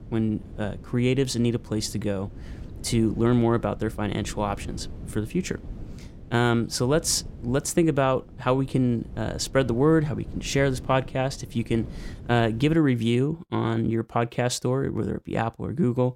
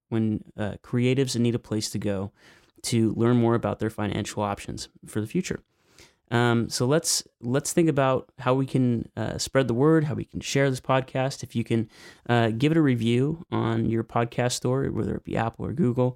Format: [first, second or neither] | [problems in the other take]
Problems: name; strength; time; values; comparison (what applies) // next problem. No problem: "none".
second | wind noise on the microphone; occasional gusts; until 13 s; 25 dB below the speech